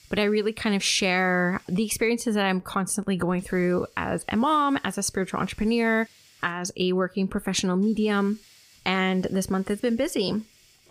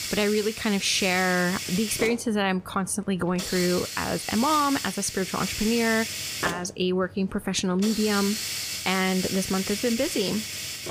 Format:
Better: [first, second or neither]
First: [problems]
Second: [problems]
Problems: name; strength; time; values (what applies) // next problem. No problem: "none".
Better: first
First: hiss; faint; throughout; 30 dB below the speech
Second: hiss; loud; throughout; 5 dB below the speech